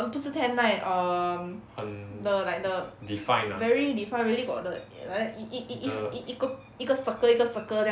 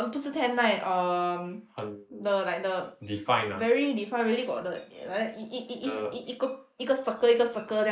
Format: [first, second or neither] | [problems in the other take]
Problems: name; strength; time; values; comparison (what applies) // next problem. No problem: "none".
first | noise reduction (neural mask model Resemble Enhance denoiser)